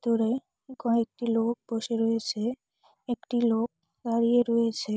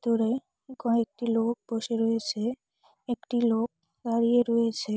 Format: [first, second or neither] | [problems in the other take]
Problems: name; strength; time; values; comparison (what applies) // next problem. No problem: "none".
second | noise reduction (neural mask model Resemble Enhance denoiser)